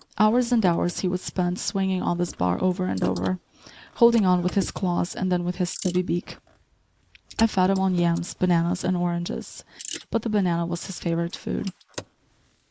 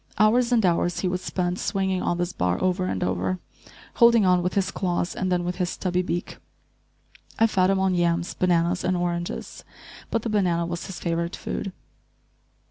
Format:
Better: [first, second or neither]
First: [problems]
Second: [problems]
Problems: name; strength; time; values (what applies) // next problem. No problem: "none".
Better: second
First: noise reduction (neural mask model Resemble Enhance denoiser)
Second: none